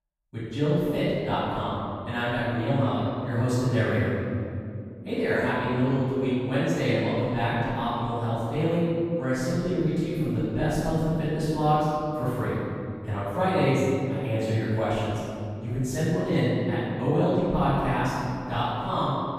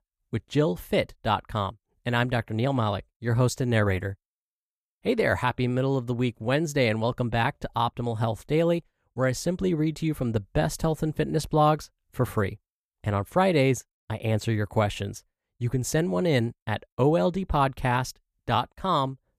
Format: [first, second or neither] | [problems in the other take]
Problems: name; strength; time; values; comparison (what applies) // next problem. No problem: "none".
second | off-mic speech; far // room echo; strong; dies away in 2.6 s